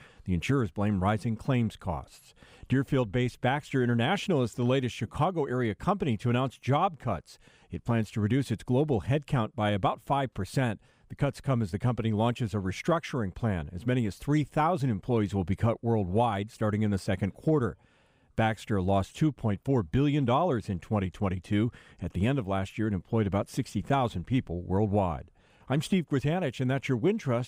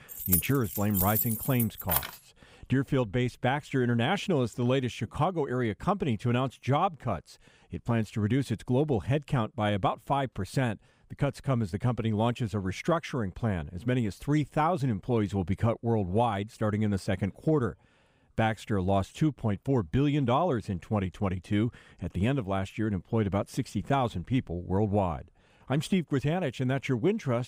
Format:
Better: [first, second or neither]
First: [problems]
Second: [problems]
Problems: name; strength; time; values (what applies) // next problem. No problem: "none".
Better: first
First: none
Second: jangling keys; loud; until 2 s; peak 2 dB above the speech